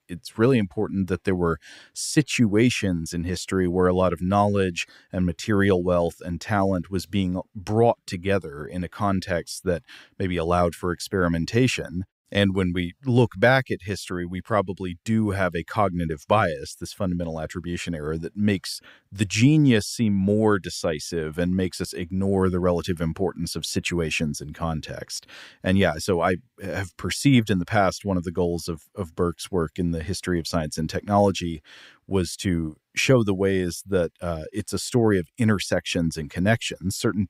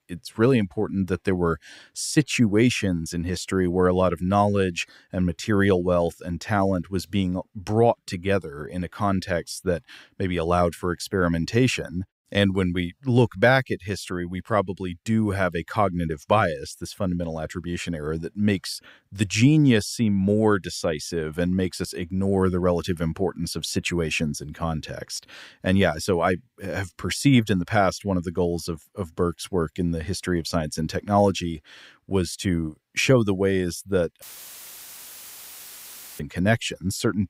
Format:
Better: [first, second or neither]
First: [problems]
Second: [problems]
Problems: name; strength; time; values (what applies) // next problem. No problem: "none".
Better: first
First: none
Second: audio cutting out; filled with static; at 34 s for 2 s